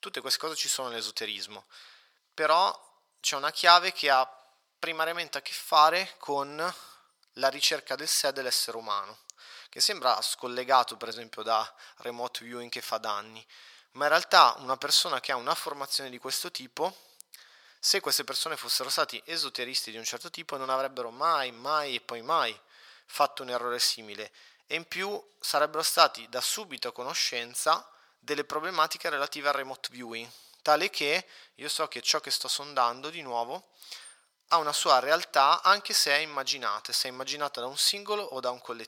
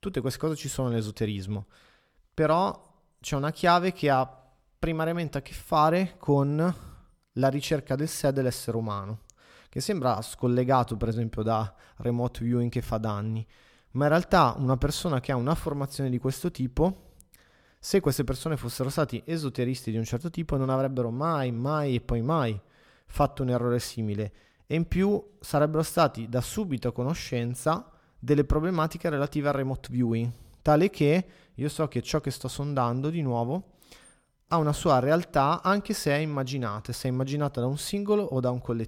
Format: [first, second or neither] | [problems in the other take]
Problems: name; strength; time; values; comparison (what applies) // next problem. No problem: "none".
second | thin; very; fading below 950 Hz